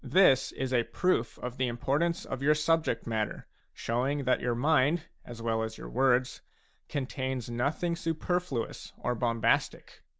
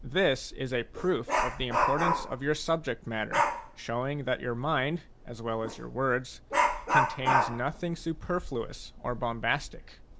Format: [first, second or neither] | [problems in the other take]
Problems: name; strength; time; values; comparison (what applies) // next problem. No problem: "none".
first | background sound (Dog); 1 dB below the speech